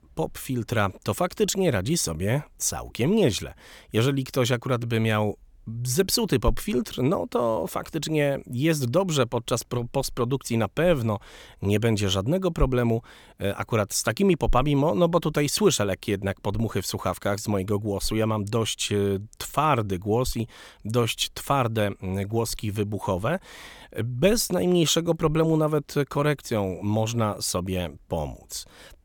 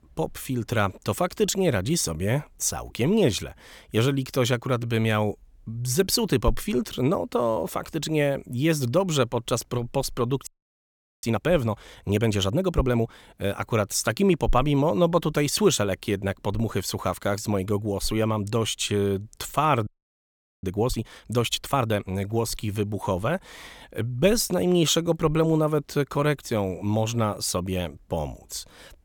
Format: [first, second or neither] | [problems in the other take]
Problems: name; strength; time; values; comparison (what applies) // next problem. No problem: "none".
first | audio freezing; at 10 s for 1 s and at 20 s for 1 s